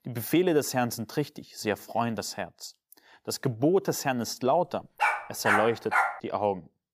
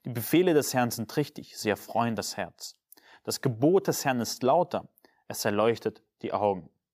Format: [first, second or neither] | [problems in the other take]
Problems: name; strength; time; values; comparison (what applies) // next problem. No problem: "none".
second | dog barking; loud; from 5 to 6 s; peak 3 dB above the speech